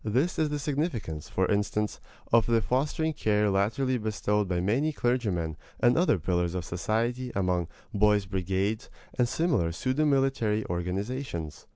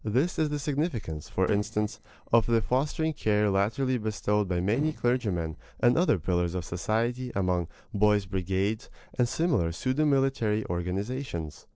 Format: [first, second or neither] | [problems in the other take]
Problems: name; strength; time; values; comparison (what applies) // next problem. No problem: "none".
first | noise reduction (neural separator model SepFormer DNS4)